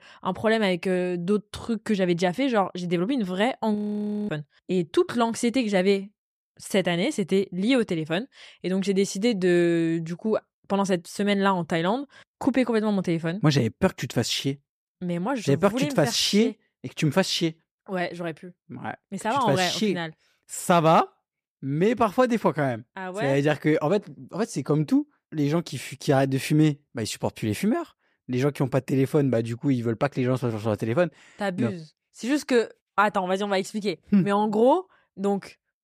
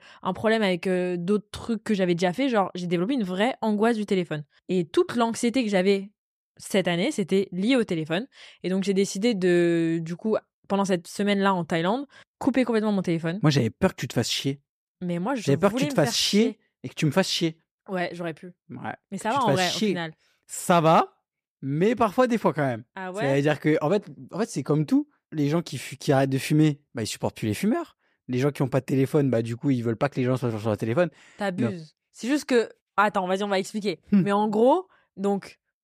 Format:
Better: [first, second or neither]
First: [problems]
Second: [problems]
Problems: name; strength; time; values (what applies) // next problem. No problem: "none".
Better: second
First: audio freezing; at 4 s for 0.5 s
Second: none